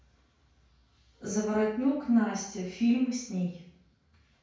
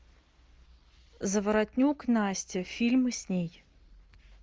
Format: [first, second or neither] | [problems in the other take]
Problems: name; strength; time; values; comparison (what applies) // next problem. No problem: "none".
second | room echo; dies away in 0.5 s